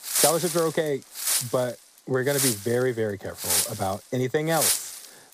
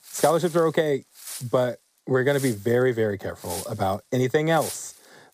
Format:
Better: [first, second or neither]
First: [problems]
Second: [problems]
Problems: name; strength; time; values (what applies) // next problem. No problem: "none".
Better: second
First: wind noise on the microphone; heavy; as loud as the speech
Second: wind noise on the microphone; occasional gusts; 15 dB below the speech